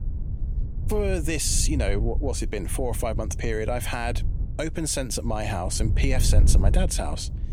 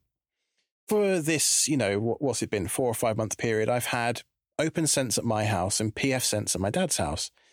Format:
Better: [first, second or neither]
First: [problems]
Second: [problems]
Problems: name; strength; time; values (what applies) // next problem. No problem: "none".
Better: second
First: wind noise on the microphone; occasional gusts; 15 dB below the speech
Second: none